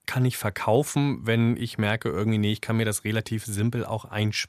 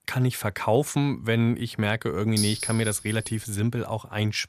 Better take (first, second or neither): first